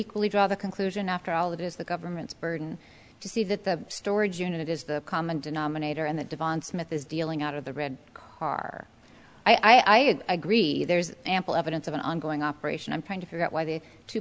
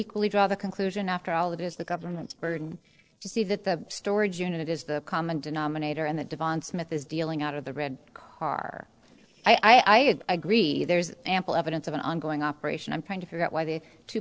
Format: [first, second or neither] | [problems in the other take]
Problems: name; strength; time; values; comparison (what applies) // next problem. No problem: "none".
first | noise reduction (neural separator model SepFormer DNS4)